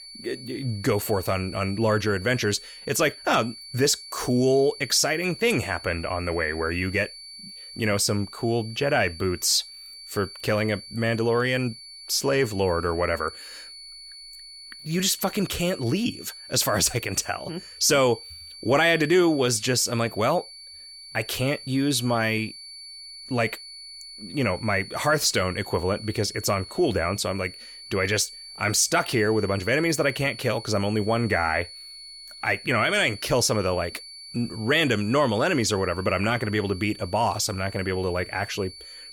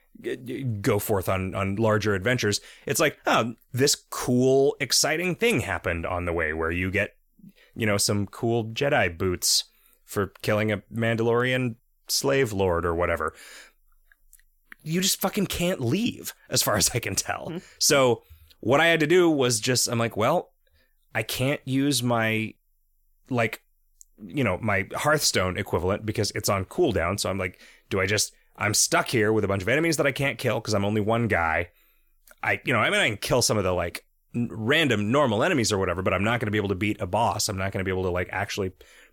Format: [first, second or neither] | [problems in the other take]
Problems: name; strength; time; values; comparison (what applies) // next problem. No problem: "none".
second | high-pitched whine; noticeable; throughout; 4.5 kHz, 15 dB below the speech